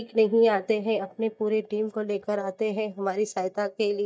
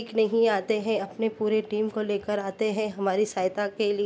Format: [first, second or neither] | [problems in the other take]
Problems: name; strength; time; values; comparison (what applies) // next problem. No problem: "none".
second | noise reduction (neural mask model DeepFilterNet 3)